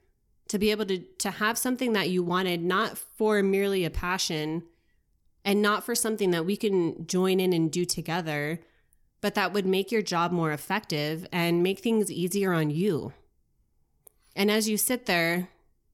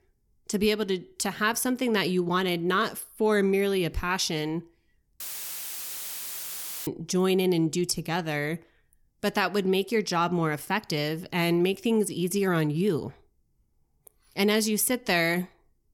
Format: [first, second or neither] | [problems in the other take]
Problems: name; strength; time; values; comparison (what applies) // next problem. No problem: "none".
first | audio cutting out; filled with static; at 5 s for 1.5 s